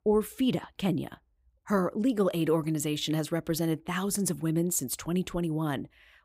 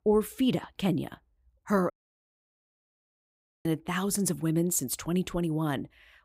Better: first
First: none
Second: audio cutting out; at 2 s for 2 s

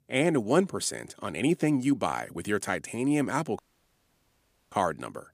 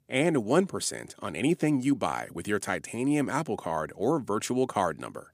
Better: second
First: audio cutting out; at 3.5 s for 1 s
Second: none

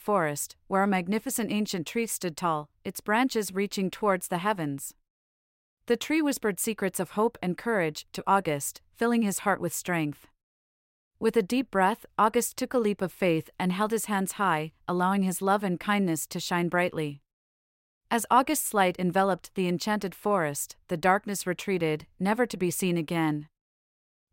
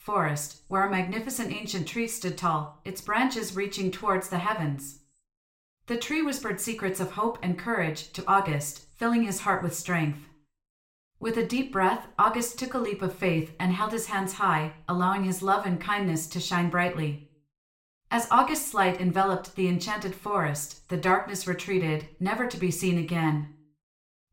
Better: first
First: none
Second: room echo; very slight; dies away in 0.3 s // off-mic speech; somewhat distant

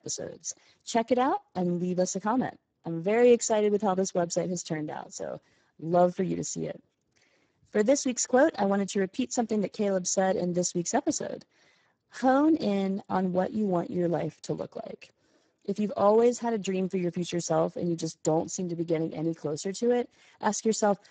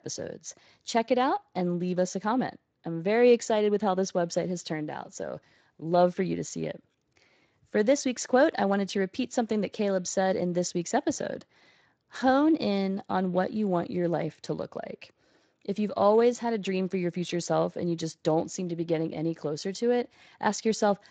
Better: second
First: garbled, watery; badly; nothing above 7.5 kHz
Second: garbled, watery; slightly; nothing above 7.5 kHz

